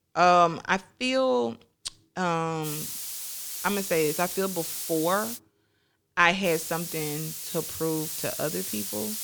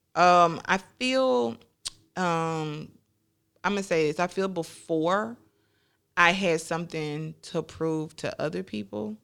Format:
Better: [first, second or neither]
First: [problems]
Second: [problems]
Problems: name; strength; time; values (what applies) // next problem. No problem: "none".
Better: second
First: hiss; loud; from 2.5 to 5.5 s and from 6.5 s on; 6 dB below the speech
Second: none